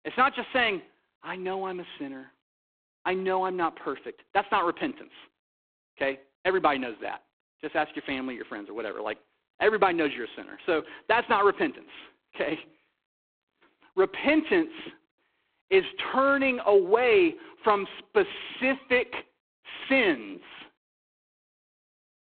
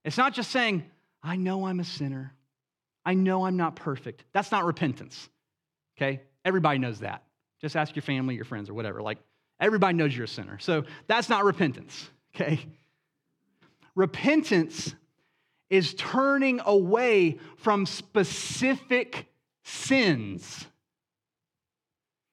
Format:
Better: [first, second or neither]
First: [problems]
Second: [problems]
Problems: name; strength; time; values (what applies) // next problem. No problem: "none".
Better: second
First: phone-call audio; poor line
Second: none